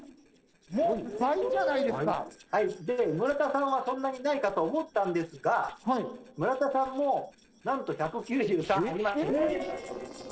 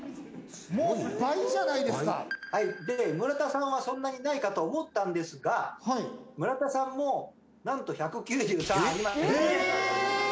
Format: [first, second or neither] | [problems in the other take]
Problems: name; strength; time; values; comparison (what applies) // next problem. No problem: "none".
second | noise reduction (neural separator model SepFormer DNS4)